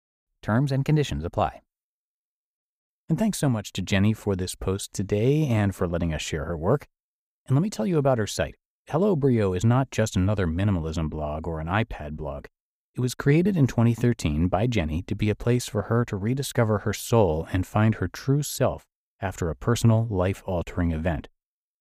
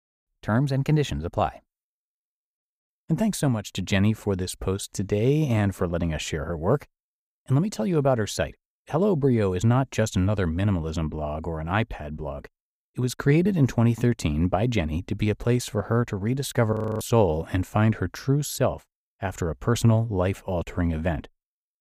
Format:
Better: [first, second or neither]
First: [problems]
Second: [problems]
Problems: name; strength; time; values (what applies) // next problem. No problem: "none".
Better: first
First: none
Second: audio freezing; at 17 s